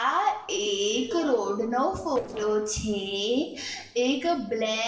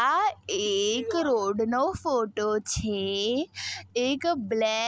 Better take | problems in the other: second | noise reduction (neural separator model SepFormer DNS4)

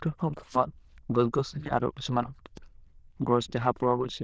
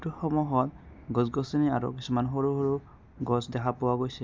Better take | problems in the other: second | noise reduction (neural diffusion model UNIVERSE++)

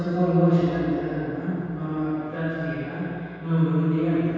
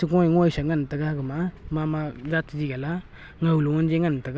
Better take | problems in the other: second | room echo; dies away in 2.2 s

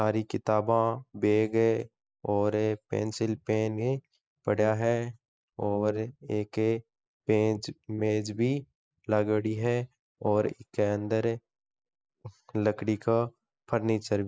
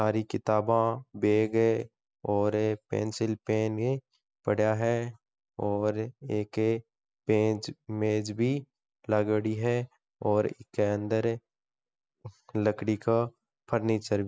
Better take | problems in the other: second | noise reduction (neural mask model Resemble Enhance denoiser)

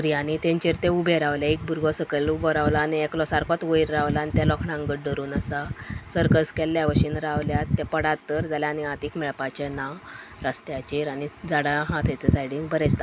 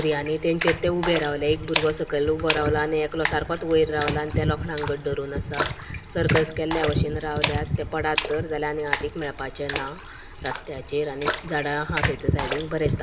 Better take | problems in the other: first | background sound (Splash, splatter); 7 dB below the speech // room echo; dies away in 1.7 s

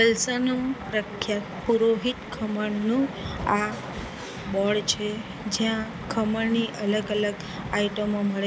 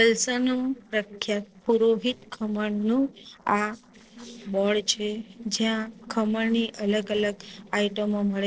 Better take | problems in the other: first | noise reduction (neural separator model SepFormer DNS4)

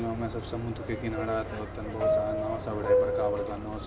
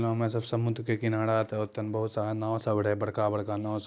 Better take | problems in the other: second | background sound (Subway, metro, underground); 3 dB above the speech // room echo; dies away in 0.6 s

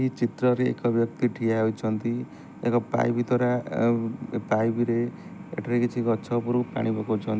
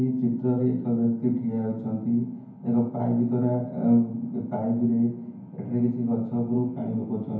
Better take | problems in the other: first | room echo; dies away in 0.9 s

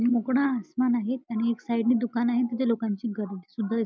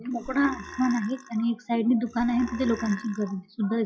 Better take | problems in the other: first | noise reduction (classical method WPE with log-MMSE)

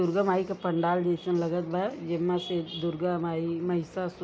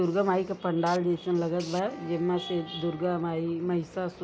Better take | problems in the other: first | background sound (Wind instrument, woodwind instrument + Tools); 19 dB below the speech

